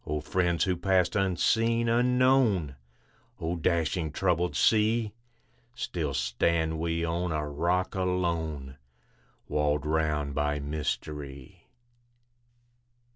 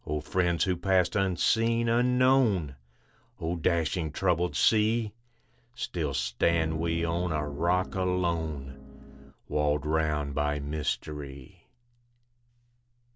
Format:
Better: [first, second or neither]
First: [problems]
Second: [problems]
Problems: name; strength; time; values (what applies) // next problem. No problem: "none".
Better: first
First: none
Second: background sound (Piano); 11 dB below the speech